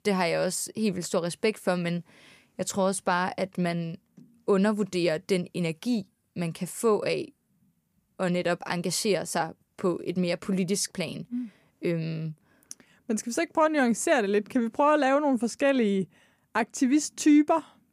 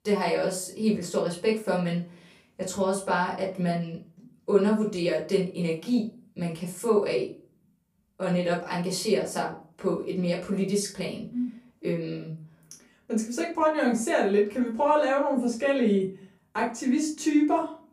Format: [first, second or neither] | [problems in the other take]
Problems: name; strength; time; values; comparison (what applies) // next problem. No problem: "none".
first | room echo; slight; dies away in 0.3 s // off-mic speech; far